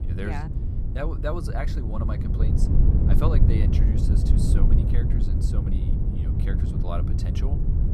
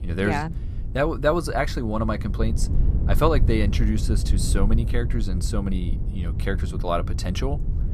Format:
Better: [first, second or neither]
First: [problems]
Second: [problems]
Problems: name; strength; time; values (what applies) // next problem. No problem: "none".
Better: second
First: wind noise on the microphone; heavy; 1 dB below the speech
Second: wind noise on the microphone; occasional gusts; 15 dB below the speech